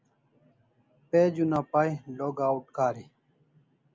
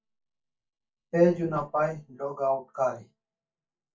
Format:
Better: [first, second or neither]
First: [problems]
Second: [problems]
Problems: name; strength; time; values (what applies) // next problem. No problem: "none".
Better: first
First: none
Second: noise reduction (neural mask model DeepFilterNet 3)